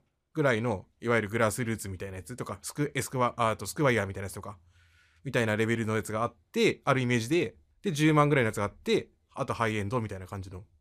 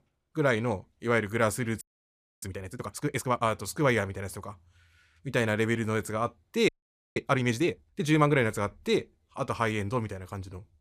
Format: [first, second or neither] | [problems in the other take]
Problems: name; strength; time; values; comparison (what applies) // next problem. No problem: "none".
first | audio freezing; at 2 s for 0.5 s and at 6.5 s